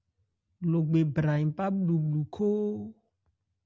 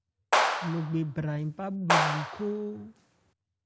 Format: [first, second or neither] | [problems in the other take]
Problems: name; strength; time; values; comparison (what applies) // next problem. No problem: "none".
first | background sound (Clapping); 3 dB above the speech